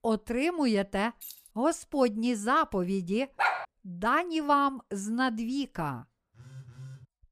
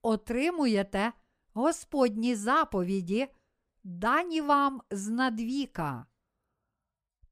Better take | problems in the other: second | jangling keys; faint; at 1 s; peak 15 dB below the speech // dog barking; loud; at 3.5 s; peak level with the speech // phone ringing; faint; at 6.5 s; peak 15 dB below the speech

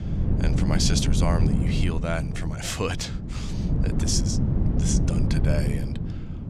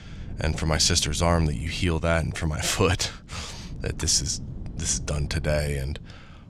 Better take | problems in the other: second | wind noise on the microphone; heavy; 4 dB below the speech; occasional gusts in the second

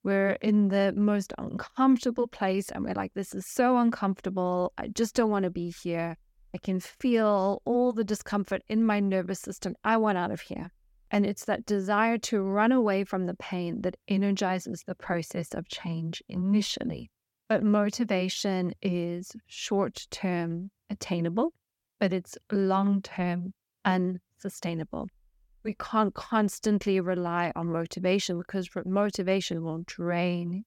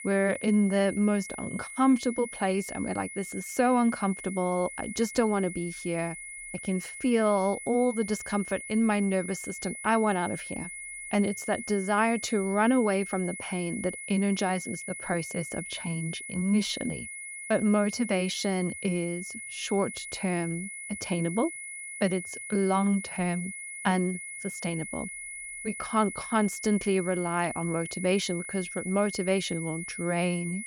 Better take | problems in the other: first | high-pitched whine; loud; throughout; 2 kHz, 9 dB below the speech

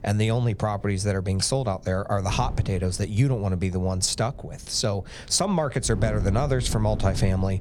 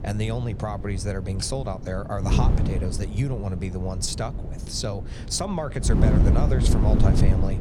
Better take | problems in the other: first | wind noise on the microphone; heavy; 4 dB below the speech; occasional gusts in the first

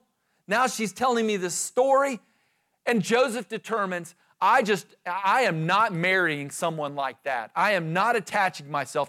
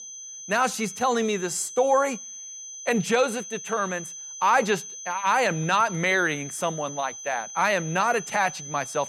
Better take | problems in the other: first | high-pitched whine; noticeable; throughout; 6 kHz, 10 dB below the speech

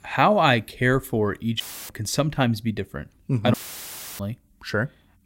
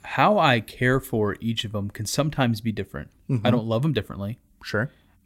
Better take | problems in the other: second | audio cutting out; filled with static; at 1.5 s and at 3.5 s for 0.5 s

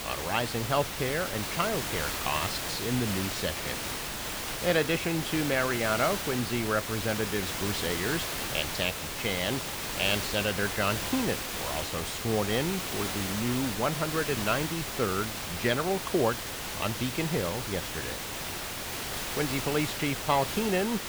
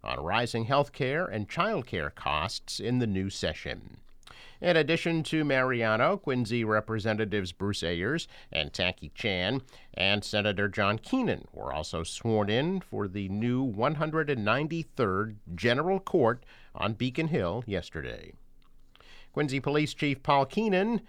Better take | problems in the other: second | hiss; loud; throughout; 2 dB below the speech

